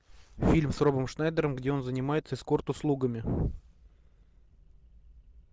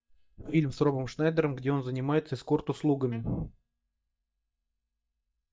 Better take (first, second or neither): first